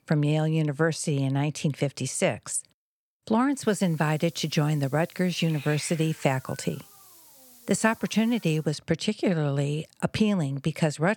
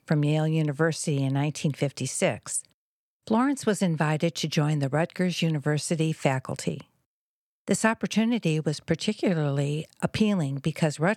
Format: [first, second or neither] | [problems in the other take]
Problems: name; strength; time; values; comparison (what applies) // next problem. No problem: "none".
second | hiss; noticeable; from 3.5 to 8.5 s; 20 dB below the speech